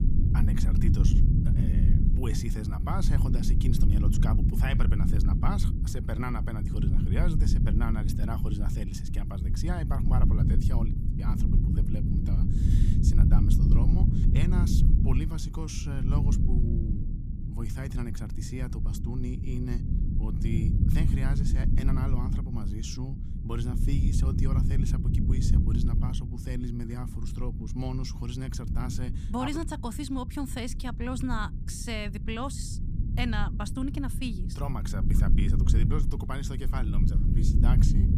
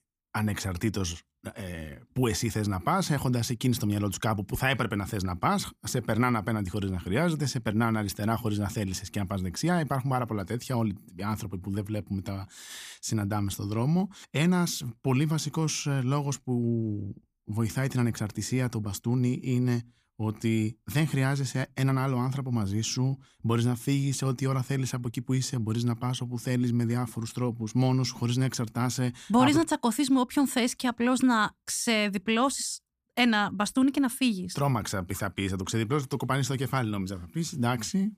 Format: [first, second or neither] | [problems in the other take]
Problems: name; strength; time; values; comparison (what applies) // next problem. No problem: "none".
second | low rumble; loud; throughout; 2 dB below the speech